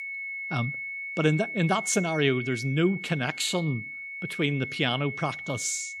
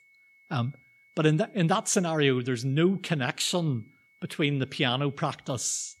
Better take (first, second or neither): second